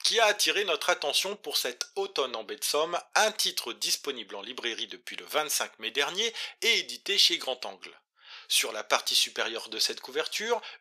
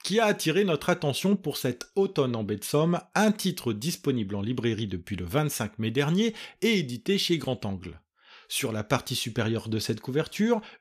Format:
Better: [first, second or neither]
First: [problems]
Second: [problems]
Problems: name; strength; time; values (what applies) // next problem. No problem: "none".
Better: second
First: thin; very; fading below 550 Hz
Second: none